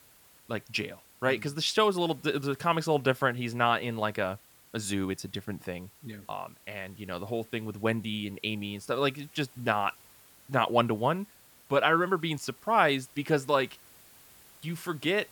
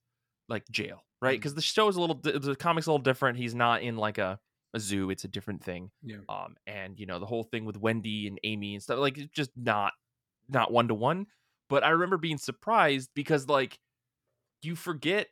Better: second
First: hiss; faint; throughout; 25 dB below the speech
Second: none

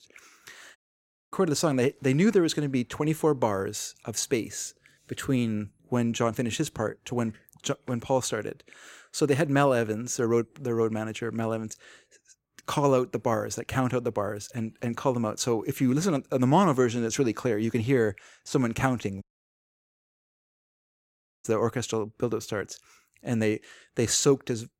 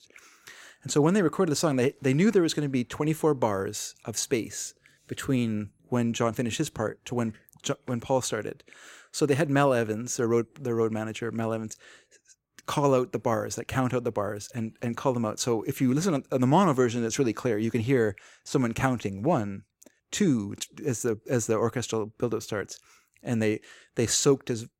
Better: second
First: audio cutting out; at 1 s for 0.5 s and at 19 s for 2 s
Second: none

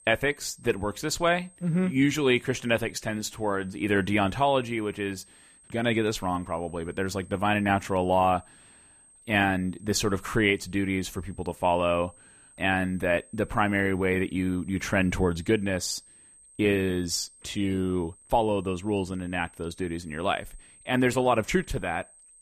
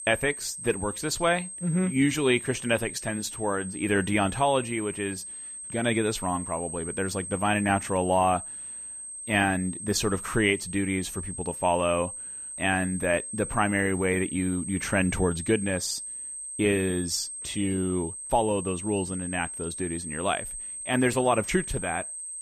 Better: first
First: high-pitched whine; faint; throughout; 8.5 kHz, 25 dB below the speech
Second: high-pitched whine; loud; throughout; 8.5 kHz, 8 dB below the speech

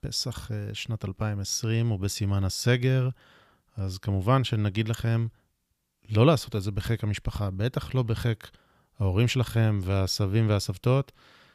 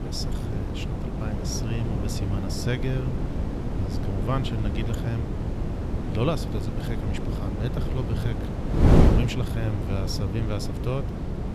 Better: first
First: none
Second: wind noise on the microphone; heavy; 1 dB above the speech

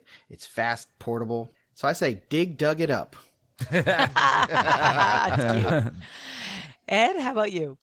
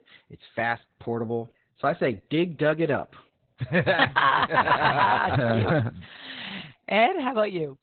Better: first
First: garbled, watery; slightly; nothing above 17 kHz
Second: garbled, watery; badly; nothing above 4 kHz

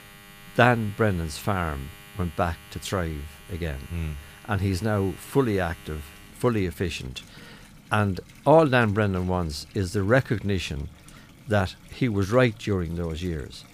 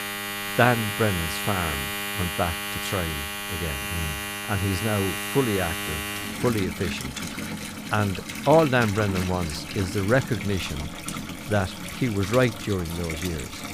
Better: first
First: household noises; faint; throughout; 20 dB below the speech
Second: household noises; loud; throughout; 4 dB below the speech

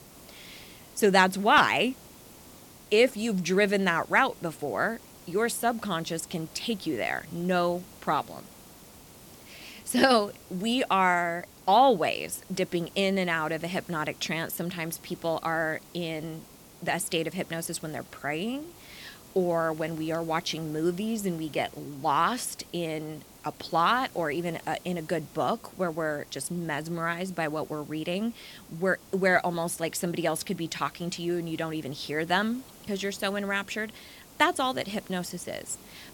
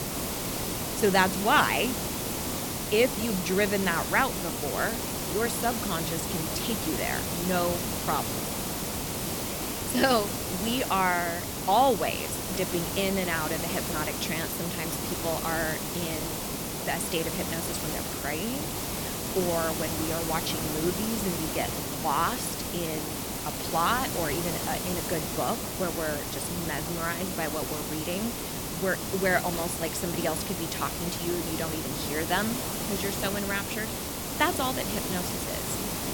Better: first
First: hiss; faint; throughout; 20 dB below the speech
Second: hiss; loud; throughout; 1 dB below the speech

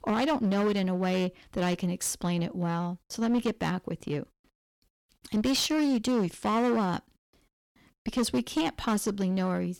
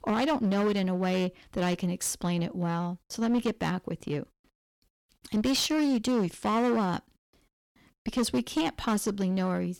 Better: neither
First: distortion; slight; 13% of the sound clipped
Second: distortion; slight; 13% of the sound clipped

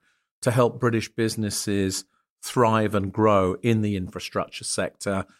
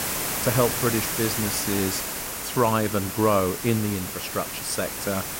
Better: first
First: none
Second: hiss; loud; throughout; 2 dB below the speech

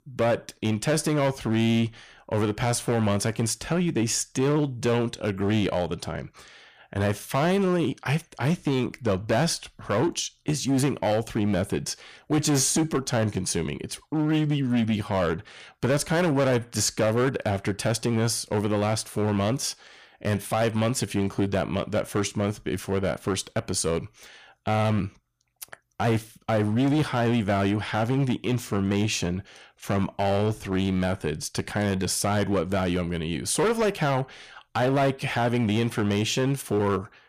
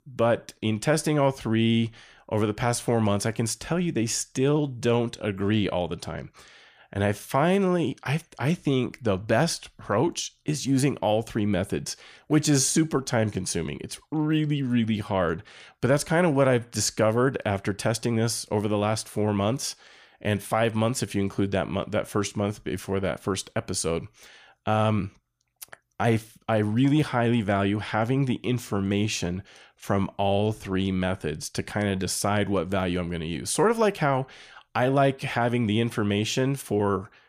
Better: second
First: distortion; slight; 9% of the sound clipped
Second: none

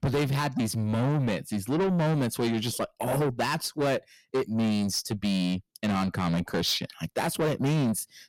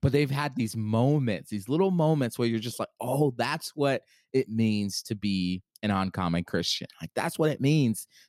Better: second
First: distortion; heavy; 7 dB below the speech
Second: none

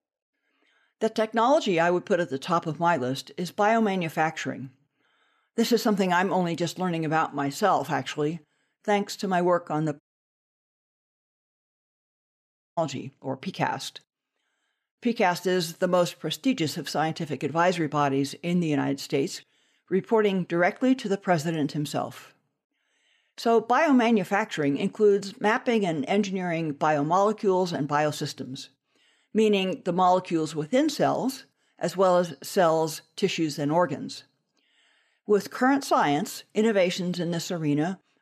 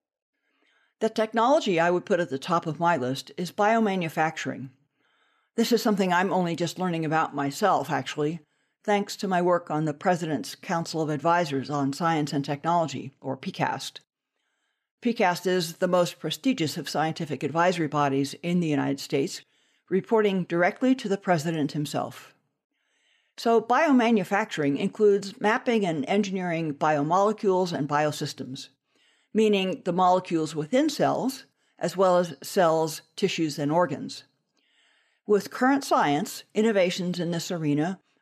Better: second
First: audio cutting out; at 10 s for 3 s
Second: none

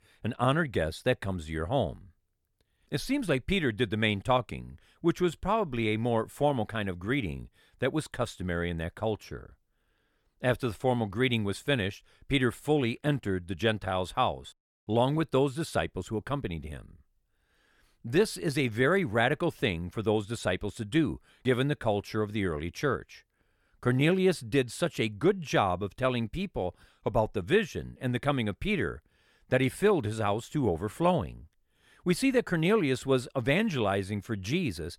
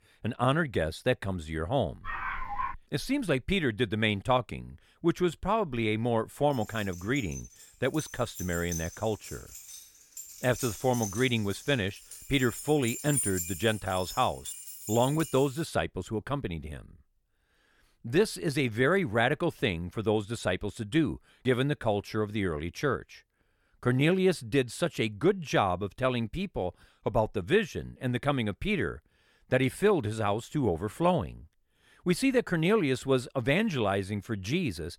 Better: first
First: none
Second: dog barking; noticeable; at 2 s; peak 5 dB below the speech // jangling keys; loud; from 7 to 15 s; peak level with the speech

